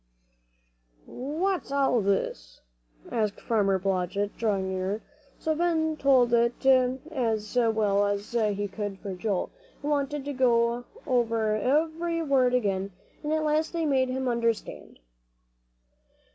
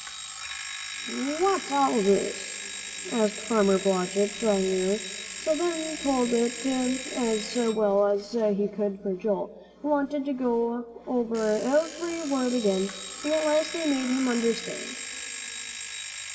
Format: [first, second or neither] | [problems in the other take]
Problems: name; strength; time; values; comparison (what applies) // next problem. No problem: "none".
first | background sound (Alarm); 10 dB below the speech // room echo; dies away in 2.7 s